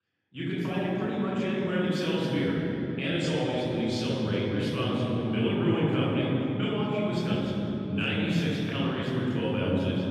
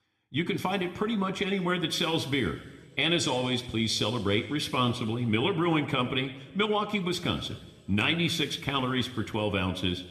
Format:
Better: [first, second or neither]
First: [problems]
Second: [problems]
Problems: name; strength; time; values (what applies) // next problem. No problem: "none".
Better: second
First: room echo; strong; dies away in 3 s // off-mic speech; far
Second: room echo; slight; dies away in 1.8 s